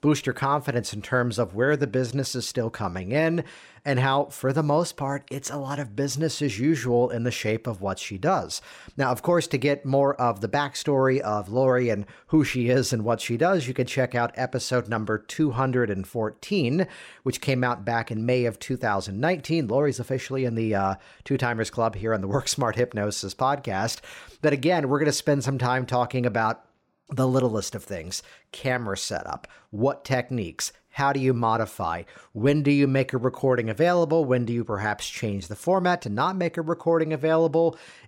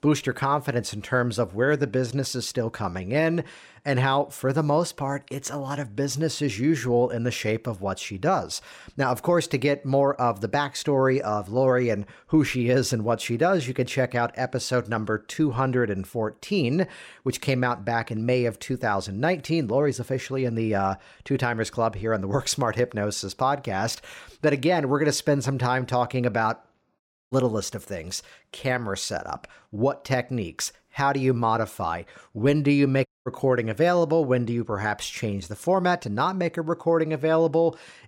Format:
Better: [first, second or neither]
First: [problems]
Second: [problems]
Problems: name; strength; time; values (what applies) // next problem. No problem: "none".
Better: first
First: none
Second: audio cutting out; at 27 s and at 33 s